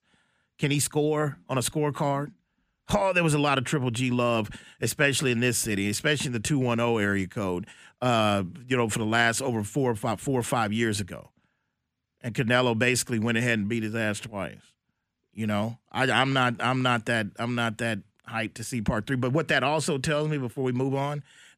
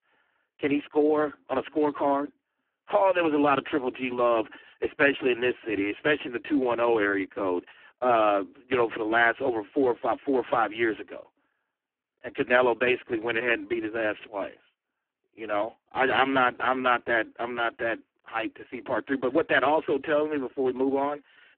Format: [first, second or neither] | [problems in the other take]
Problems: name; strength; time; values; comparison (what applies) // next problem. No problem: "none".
first | phone-call audio; poor line